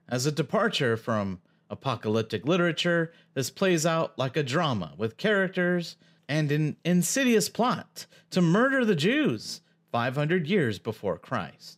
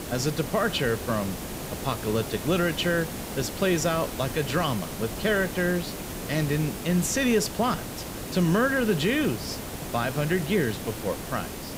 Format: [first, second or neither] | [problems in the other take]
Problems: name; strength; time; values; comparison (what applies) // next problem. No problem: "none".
first | hiss; loud; throughout; 8 dB below the speech